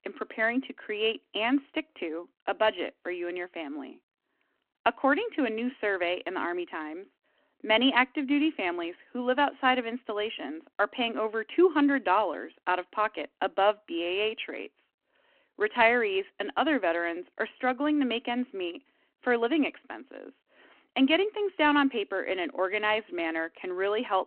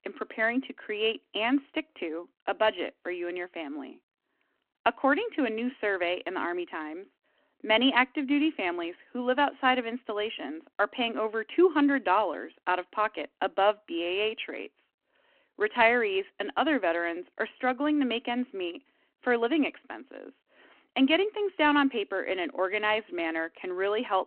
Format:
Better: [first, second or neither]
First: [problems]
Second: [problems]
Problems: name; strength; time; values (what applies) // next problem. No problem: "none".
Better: neither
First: phone-call audio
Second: phone-call audio